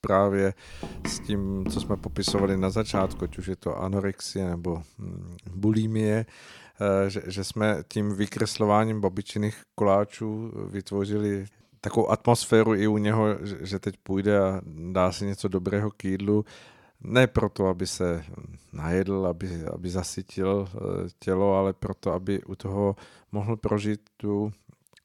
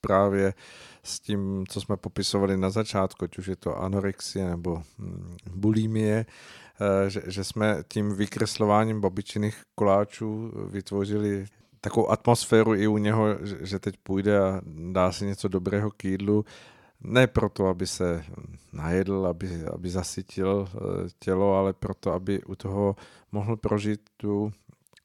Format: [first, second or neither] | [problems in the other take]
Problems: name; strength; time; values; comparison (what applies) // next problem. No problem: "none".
second | footsteps; noticeable; from 0.5 to 3.5 s; peak 7 dB below the speech